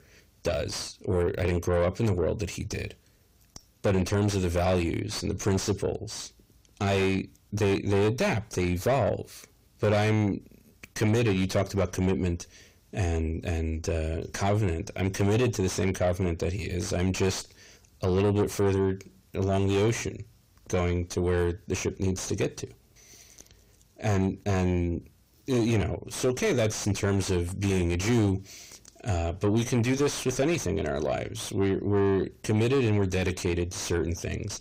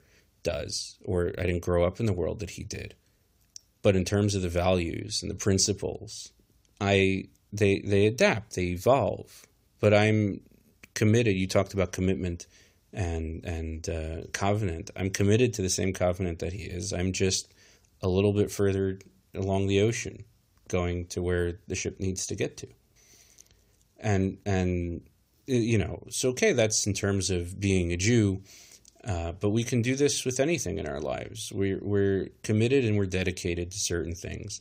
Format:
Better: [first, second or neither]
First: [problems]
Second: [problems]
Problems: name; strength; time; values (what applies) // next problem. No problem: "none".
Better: second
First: distortion; heavy; 7 dB below the speech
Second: none